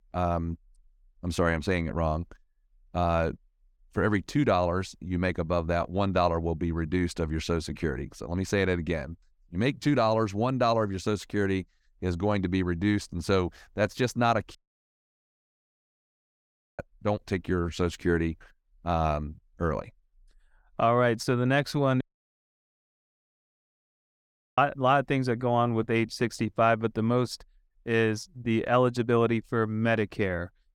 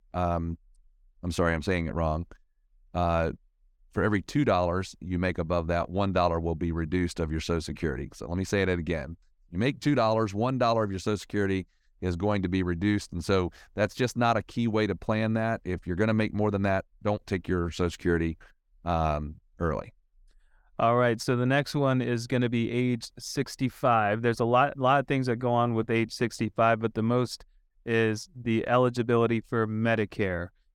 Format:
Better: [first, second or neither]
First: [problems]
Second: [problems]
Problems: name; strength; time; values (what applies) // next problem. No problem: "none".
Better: second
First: audio cutting out; at 15 s for 2 s and at 22 s for 2.5 s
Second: none